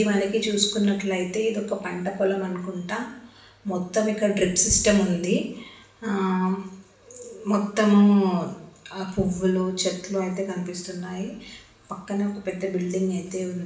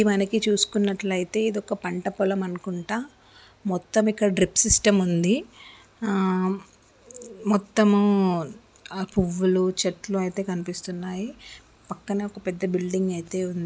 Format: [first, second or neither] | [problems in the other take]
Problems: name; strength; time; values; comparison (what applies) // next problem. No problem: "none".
second | room echo; dies away in 0.6 s